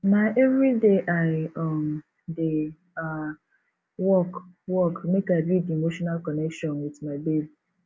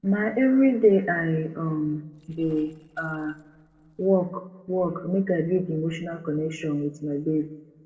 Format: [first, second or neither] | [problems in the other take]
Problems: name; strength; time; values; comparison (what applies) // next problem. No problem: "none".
first | noise reduction (neural separator model SepFormer DNS4)